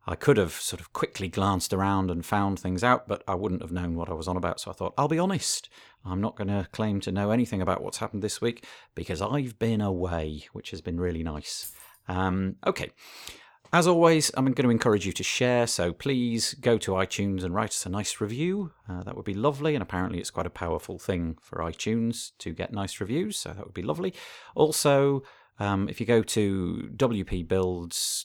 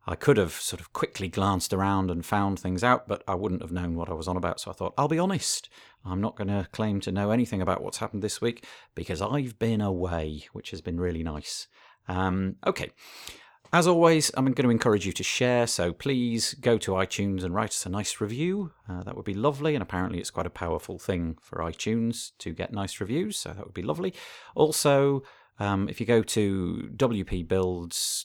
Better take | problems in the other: second | jangling keys; faint; at 12 s; peak 15 dB below the speech

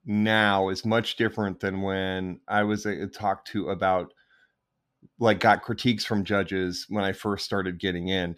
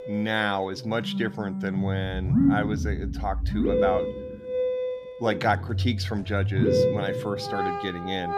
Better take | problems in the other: first | background music; very loud; throughout; 2 dB above the speech

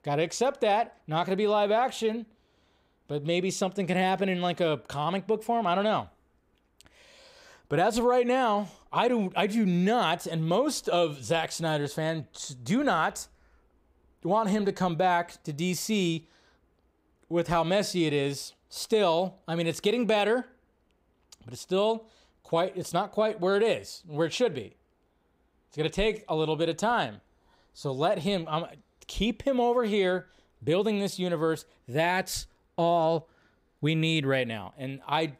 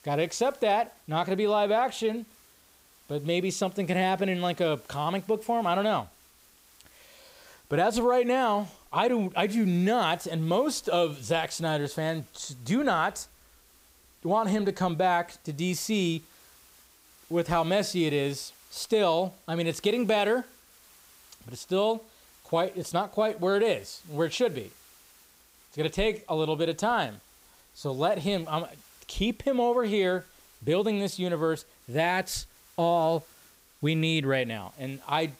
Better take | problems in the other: first | hiss; faint; throughout; 25 dB below the speech

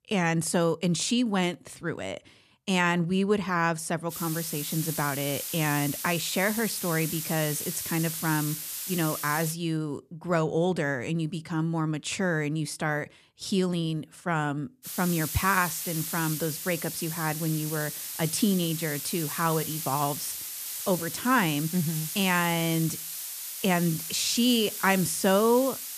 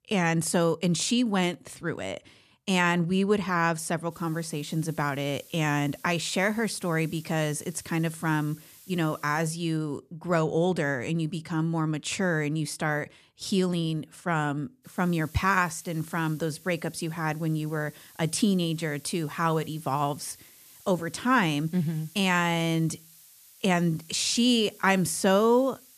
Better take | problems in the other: second | hiss; loud; from 4 to 9.5 s and from 15 s on; 5 dB below the speech; faint in the second

